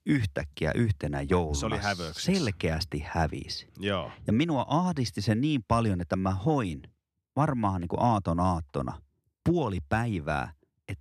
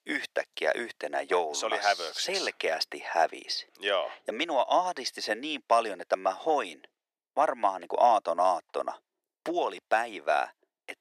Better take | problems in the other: first | thin; very; fading below 400 Hz

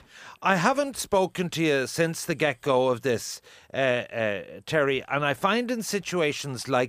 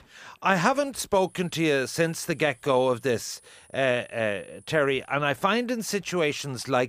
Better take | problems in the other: first | high-pitched whine; faint; from 1.5 to 5 s; 10 kHz, 30 dB below the speech

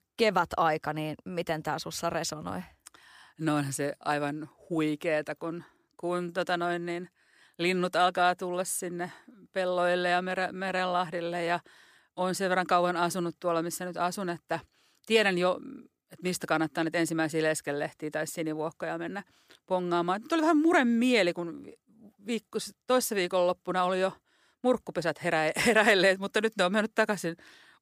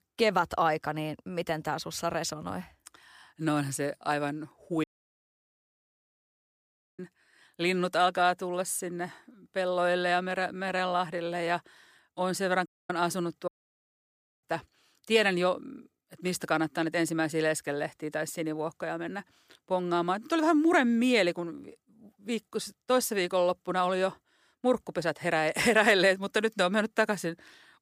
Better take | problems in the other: first | audio cutting out; at 5 s for 2 s and at 13 s for 1 s

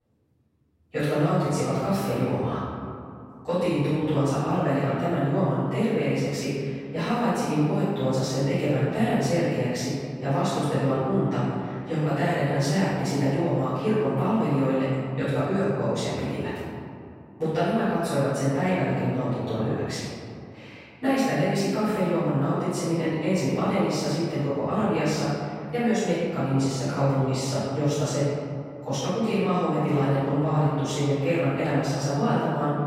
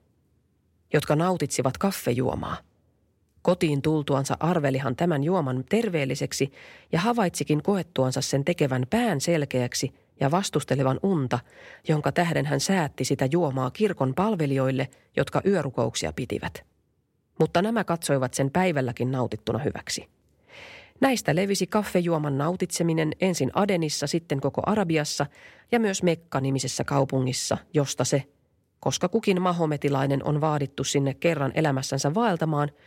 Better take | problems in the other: second | off-mic speech; far // room echo; strong; dies away in 2.4 s

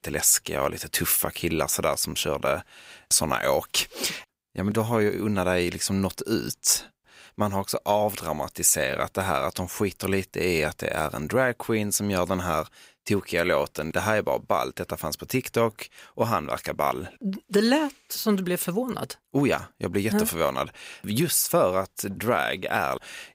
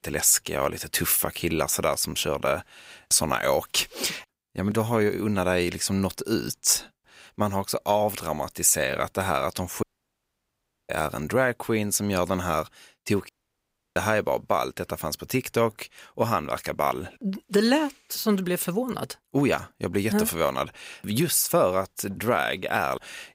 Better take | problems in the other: first | audio cutting out; at 10 s for 1 s and at 13 s for 0.5 s

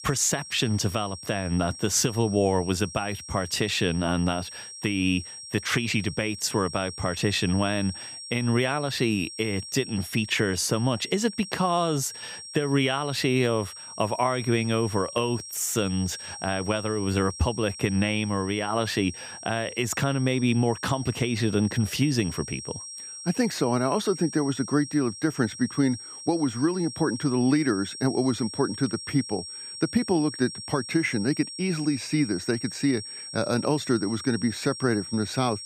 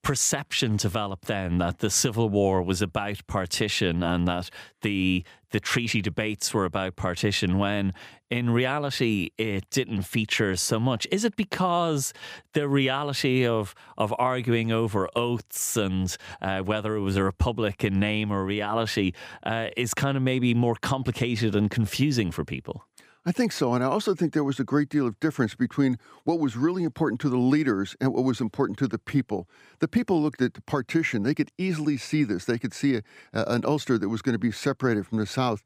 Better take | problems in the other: second | high-pitched whine; noticeable; throughout; 5.5 kHz, 10 dB below the speech

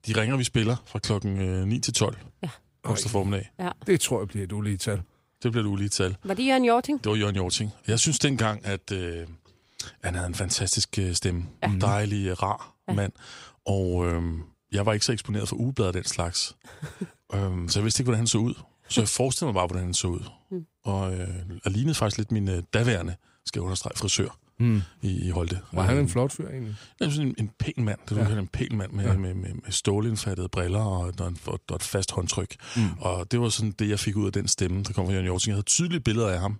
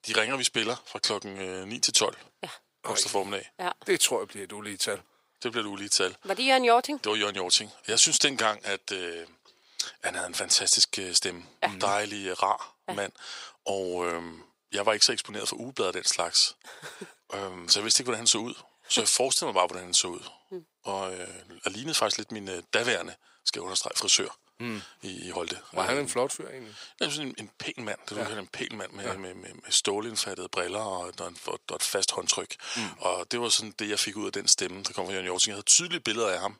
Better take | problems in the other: first | thin; very; fading below 500 Hz

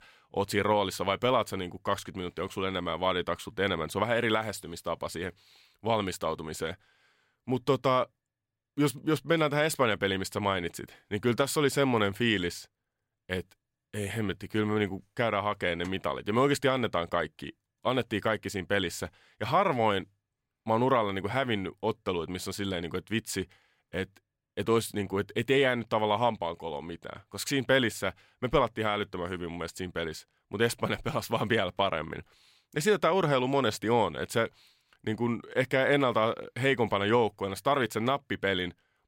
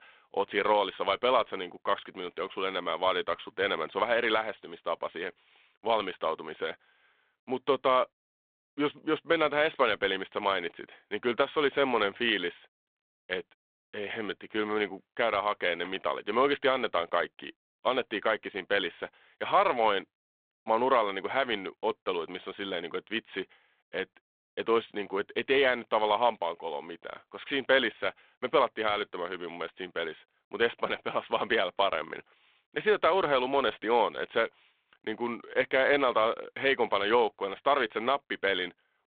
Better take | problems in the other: first | phone-call audio

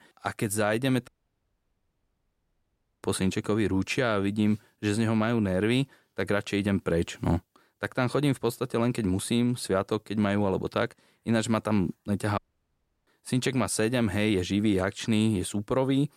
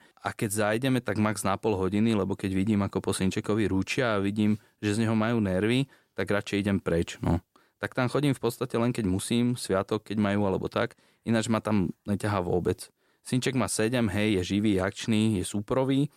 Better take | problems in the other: second | audio cutting out; at 1 s for 2 s and at 12 s for 0.5 s

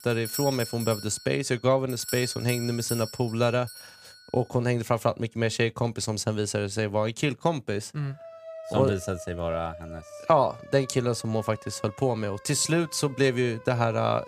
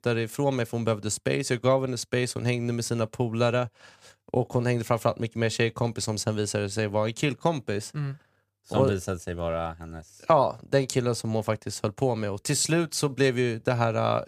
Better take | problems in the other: second | alarms or sirens; noticeable; throughout; 15 dB below the speech

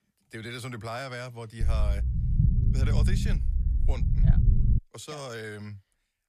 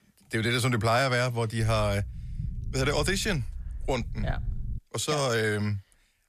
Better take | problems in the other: second | low rumble; loud; from 1.5 to 5 s; 3 dB below the speech; faint in the second

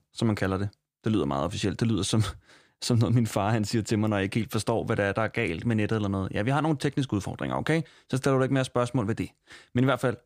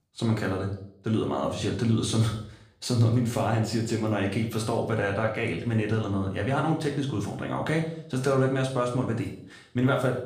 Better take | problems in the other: first | room echo; slight; dies away in 0.5 s // off-mic speech; somewhat distant

